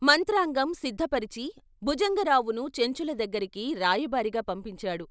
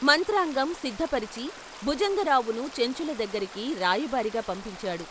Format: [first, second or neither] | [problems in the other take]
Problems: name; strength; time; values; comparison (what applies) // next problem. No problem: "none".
first | background sound (Stream); 16 dB below the speech